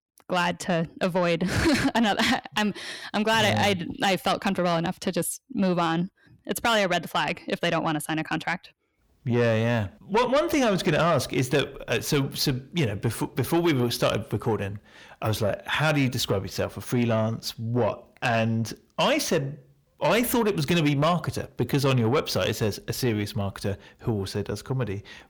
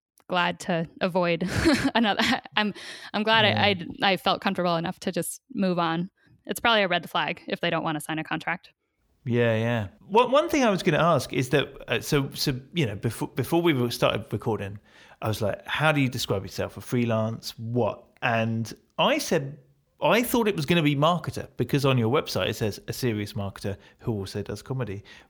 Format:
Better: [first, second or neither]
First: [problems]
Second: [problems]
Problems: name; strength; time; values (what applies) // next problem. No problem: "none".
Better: second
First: distortion; slight; 10 dB below the speech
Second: none